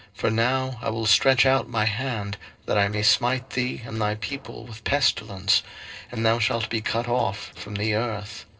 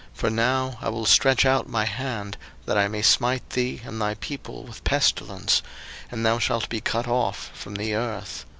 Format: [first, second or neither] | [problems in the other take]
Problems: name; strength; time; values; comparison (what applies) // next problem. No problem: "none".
second | noise reduction (neural separator model SepFormer DNS4)